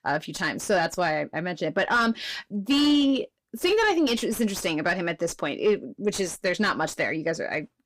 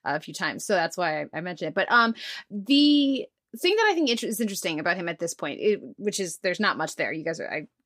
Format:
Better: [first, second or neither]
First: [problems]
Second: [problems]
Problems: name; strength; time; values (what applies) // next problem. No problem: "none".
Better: second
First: distortion; slight; 10 dB below the speech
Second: none